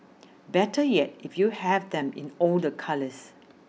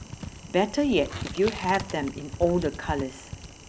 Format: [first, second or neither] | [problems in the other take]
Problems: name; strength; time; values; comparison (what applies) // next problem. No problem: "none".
first | background sound (Typing + Crushing / Wood); 10 dB below the speech